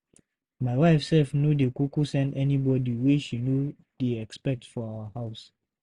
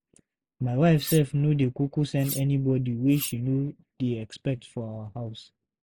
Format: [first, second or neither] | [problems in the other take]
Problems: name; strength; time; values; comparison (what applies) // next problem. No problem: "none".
first | noise reduction (neural mask model Resemble Enhance denoiser)